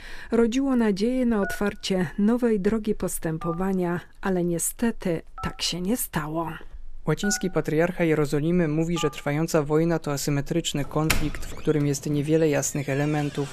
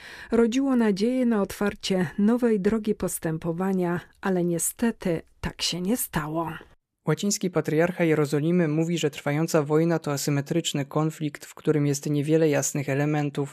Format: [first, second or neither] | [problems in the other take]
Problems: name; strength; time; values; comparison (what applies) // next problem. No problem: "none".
second | alarms or sirens; noticeable; throughout; 10 dB below the speech